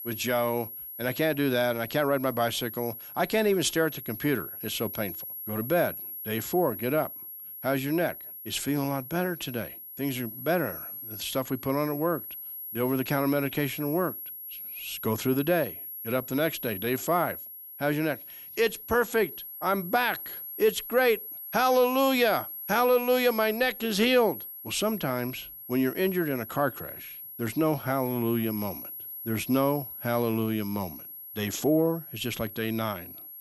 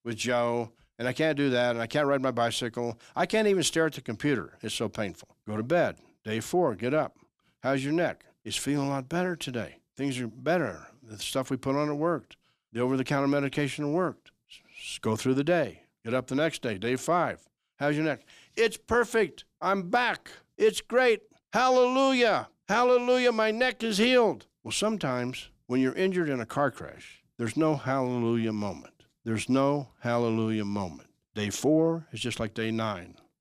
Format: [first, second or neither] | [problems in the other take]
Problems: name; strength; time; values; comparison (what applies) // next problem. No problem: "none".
second | high-pitched whine; loud; throughout; 11.5 kHz, 10 dB below the speech